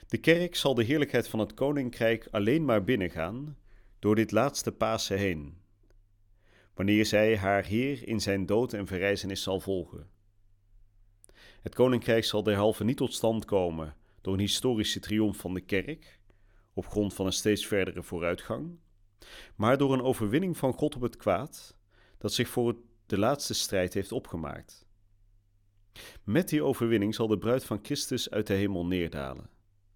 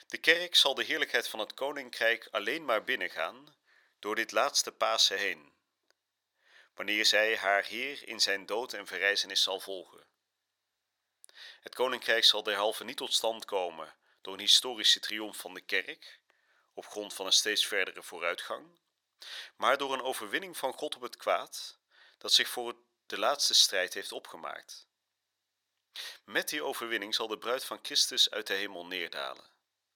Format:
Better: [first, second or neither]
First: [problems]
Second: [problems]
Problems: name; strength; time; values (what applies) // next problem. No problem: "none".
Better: first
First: none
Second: thin; very; fading below 800 Hz